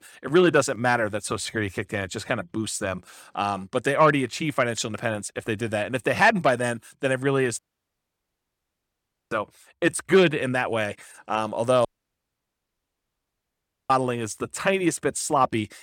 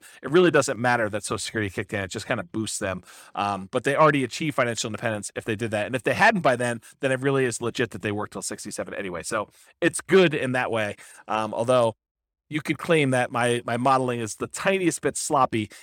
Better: second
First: audio cutting out; at 7.5 s for 1.5 s and at 12 s for 2 s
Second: none

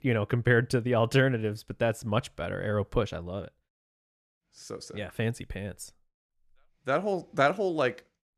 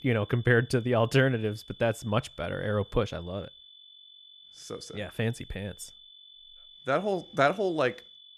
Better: first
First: none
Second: high-pitched whine; faint; throughout; 3.5 kHz, 20 dB below the speech

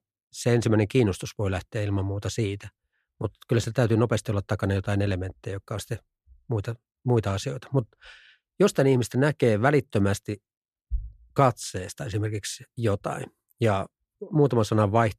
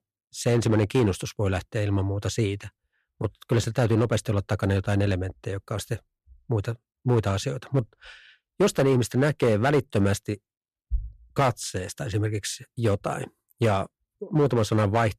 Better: first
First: none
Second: distortion; slight; 3% of the sound clipped

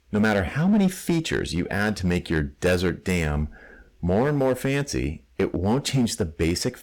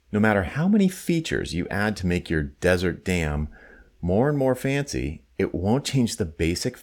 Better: second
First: distortion; slight; 6% of the sound clipped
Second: none

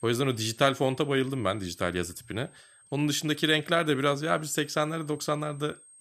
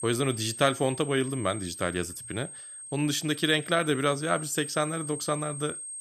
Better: first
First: high-pitched whine; faint; throughout; 8.5 kHz, 25 dB below the speech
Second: high-pitched whine; loud; throughout; 8.5 kHz, 10 dB below the speech

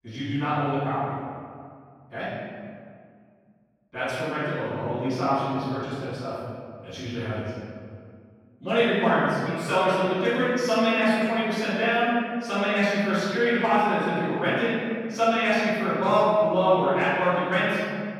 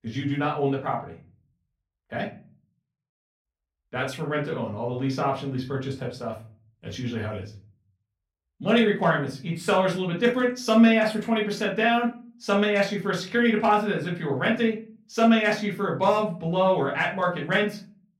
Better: second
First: room echo; strong; dies away in 1.9 s // off-mic speech; far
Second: room echo; slight; dies away in 0.4 s // off-mic speech; far

